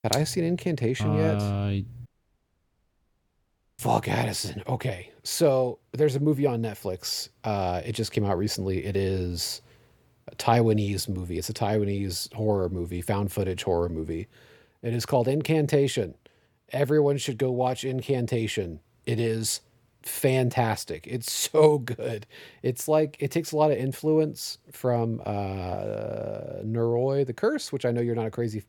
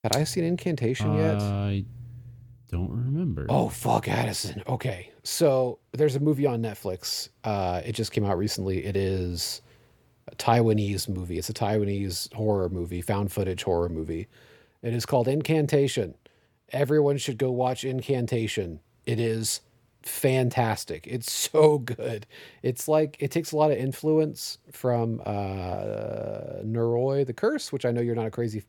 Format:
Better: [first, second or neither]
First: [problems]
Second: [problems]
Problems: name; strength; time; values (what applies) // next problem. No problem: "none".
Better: second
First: audio cutting out; at 2 s for 1.5 s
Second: none